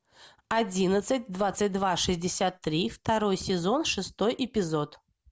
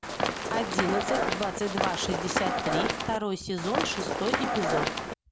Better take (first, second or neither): first